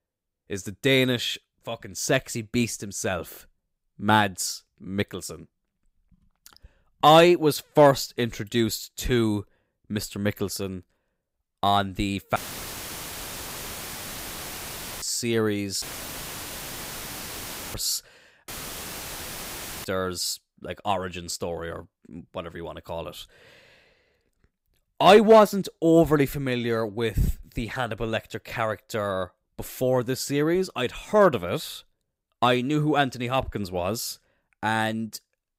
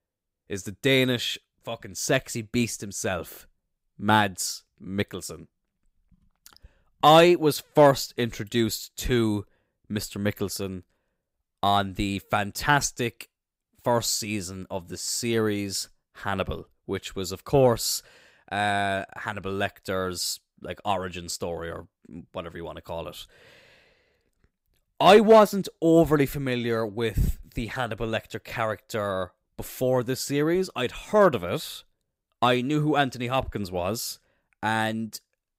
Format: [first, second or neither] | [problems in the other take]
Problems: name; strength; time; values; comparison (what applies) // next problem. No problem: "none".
second | audio cutting out; filled with static; at 12 s for 2.5 s, at 16 s for 2 s and at 18 s for 1.5 s